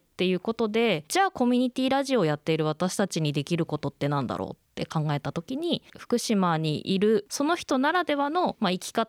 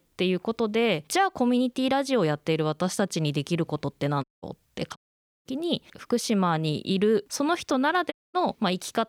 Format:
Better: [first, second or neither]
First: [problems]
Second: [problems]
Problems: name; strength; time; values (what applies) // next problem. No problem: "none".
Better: first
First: none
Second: audio cutting out; at 4 s, at 5 s and at 8 s